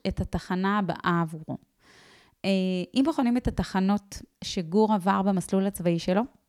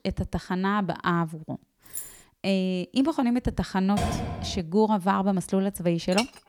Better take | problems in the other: first | jangling keys; noticeable; at 2 s; peak 10 dB below the speech // door banging; noticeable; at 4 s; peak 3 dB below the speech // clattering dishes; very faint; at 6 s; peak 5 dB below the speech

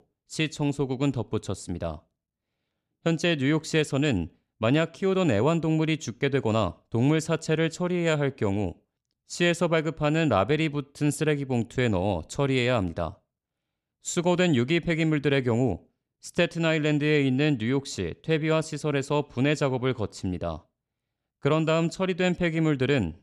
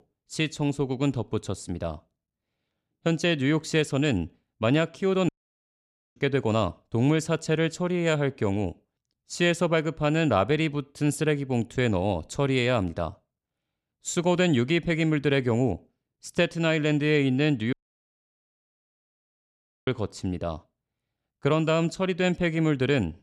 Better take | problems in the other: first | audio cutting out; at 5.5 s for 1 s and at 18 s for 2 s

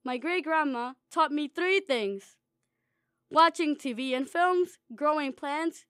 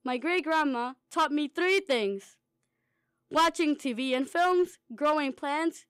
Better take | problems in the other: first | distortion; slight; 3% of the sound clipped

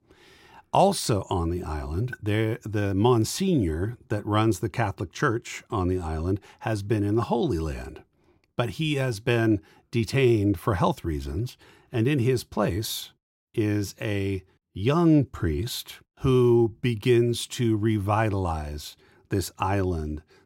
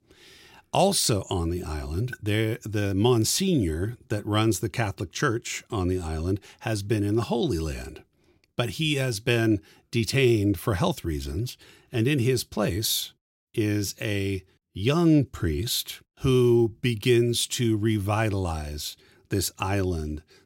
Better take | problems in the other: second | muffled; slightly; fading above 2.5 kHz

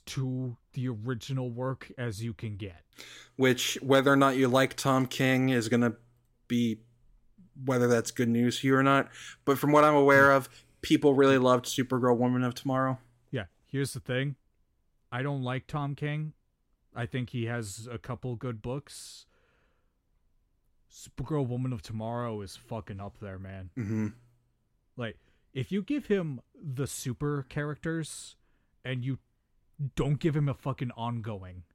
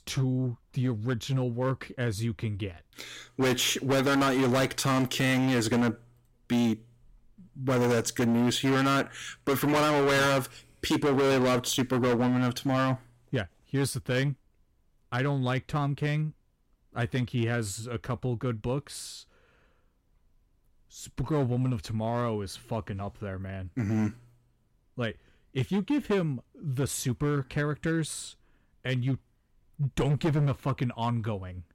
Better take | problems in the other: first | distortion; heavy; 11% of the sound clipped

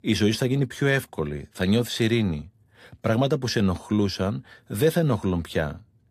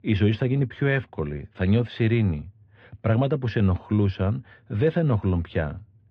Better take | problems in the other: first | muffled; very; fading above 3 kHz

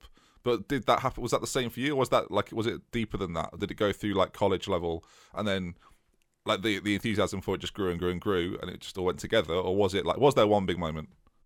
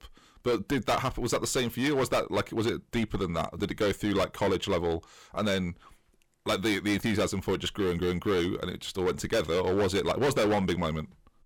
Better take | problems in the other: first | distortion; heavy; 12% of the sound clipped

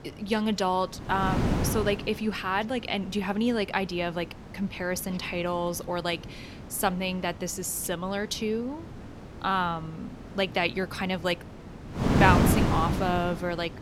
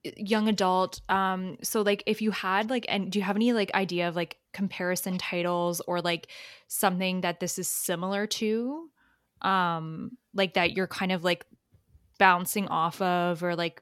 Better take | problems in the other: second | wind noise on the microphone; heavy; 3 dB below the speech

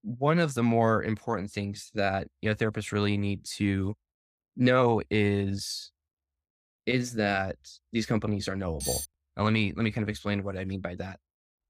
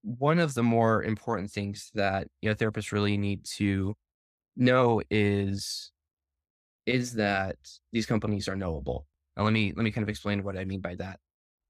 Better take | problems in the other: second | clattering dishes; noticeable; at 9 s; peak 3 dB below the speech

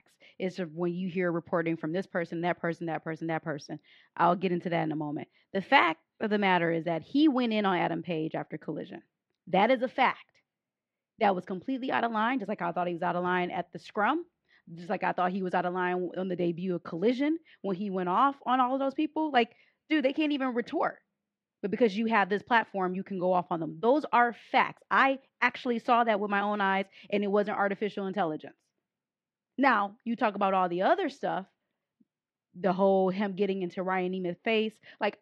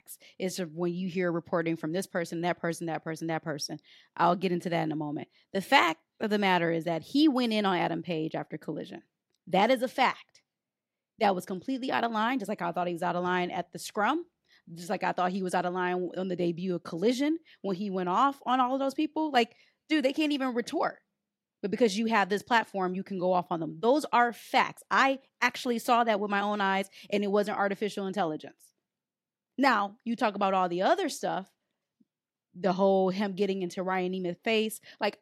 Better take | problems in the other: second | muffled; slightly; fading above 2.5 kHz

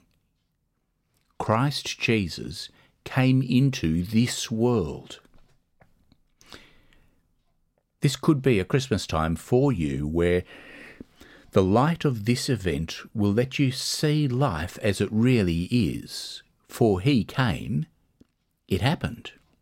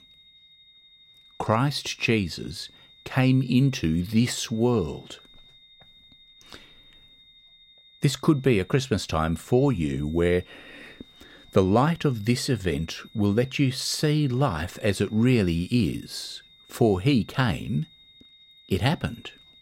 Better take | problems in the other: first | high-pitched whine; faint; throughout; 3.5 kHz, 25 dB below the speech

